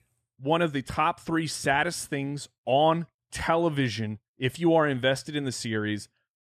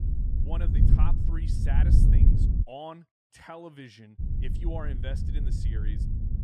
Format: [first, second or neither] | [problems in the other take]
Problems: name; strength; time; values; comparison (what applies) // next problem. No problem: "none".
first | wind noise on the microphone; heavy; until 2.5 s and from 4 s on; as loud as the speech